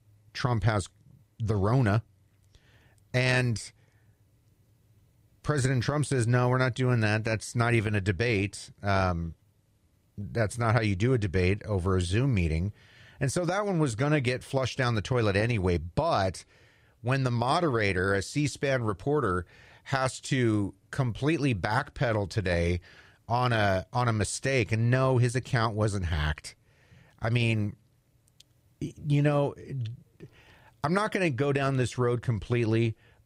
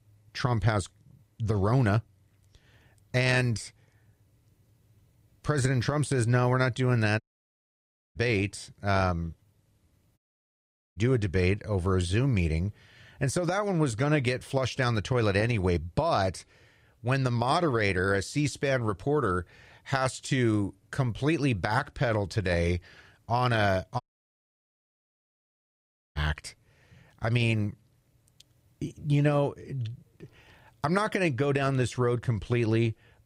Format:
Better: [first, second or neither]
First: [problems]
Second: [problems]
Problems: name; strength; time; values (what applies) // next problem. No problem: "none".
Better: first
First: none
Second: audio cutting out; at 7 s for 1 s, at 10 s for 1 s and at 24 s for 2 s